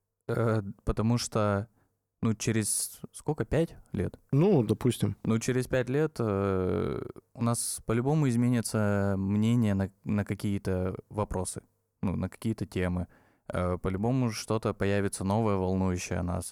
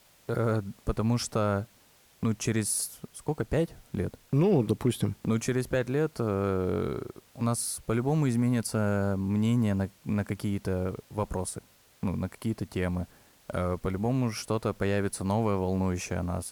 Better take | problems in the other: first | hiss; faint; throughout; 30 dB below the speech

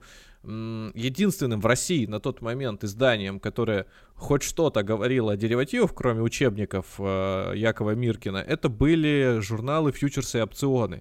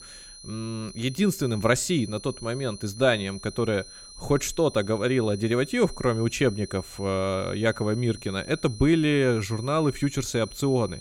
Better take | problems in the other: first | high-pitched whine; noticeable; throughout; 4 kHz, 15 dB below the speech

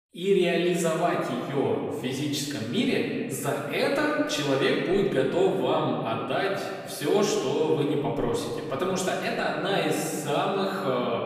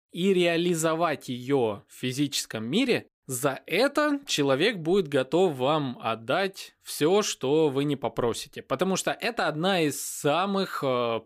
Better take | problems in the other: second | off-mic speech; far // room echo; noticeable; dies away in 1.9 s

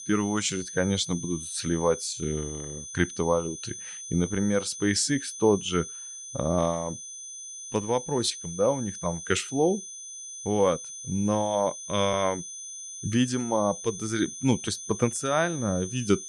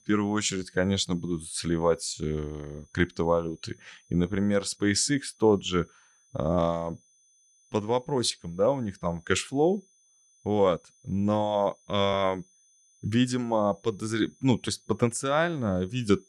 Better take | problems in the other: second | high-pitched whine; loud; throughout; 6 kHz, 9 dB below the speech; faint in the second

